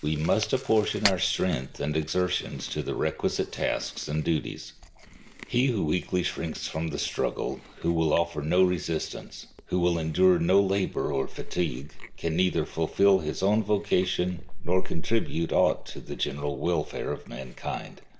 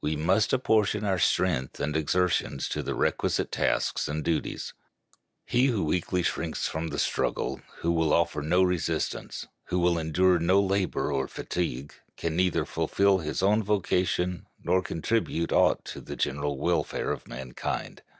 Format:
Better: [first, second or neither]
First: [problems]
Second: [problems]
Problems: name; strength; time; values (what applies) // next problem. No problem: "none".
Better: second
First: background sound (Chewing, mastication); 5 dB below the speech // room echo; dies away in 0.5 s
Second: none